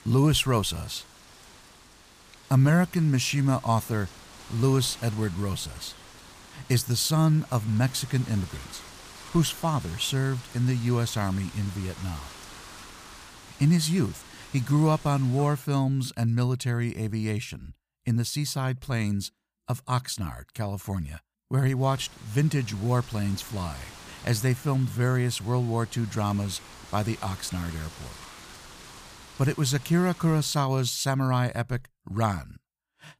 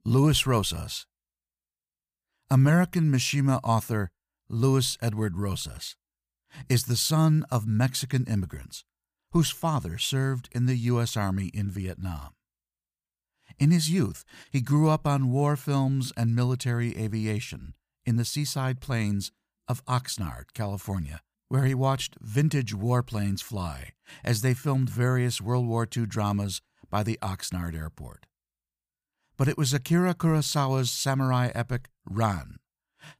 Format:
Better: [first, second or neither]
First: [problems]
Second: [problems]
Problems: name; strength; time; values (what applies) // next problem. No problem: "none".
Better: second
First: wind noise on the microphone; occasional gusts; until 16 s and from 22 to 31 s; 15 dB below the speech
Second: none